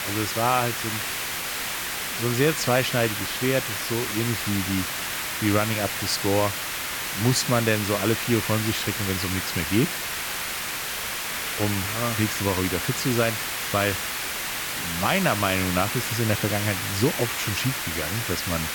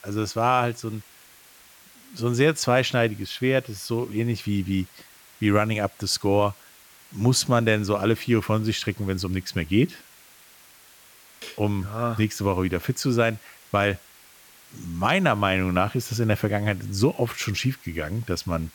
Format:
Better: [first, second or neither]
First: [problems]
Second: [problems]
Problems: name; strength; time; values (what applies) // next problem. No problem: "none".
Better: second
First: hiss; loud; throughout; 1 dB below the speech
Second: hiss; faint; throughout; 25 dB below the speech